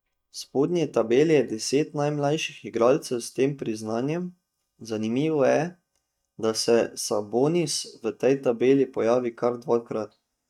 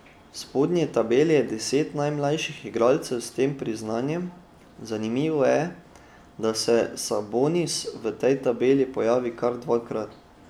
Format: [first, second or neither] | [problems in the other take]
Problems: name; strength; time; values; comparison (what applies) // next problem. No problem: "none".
second | noise reduction (neural mask model DeepFilterNet 3)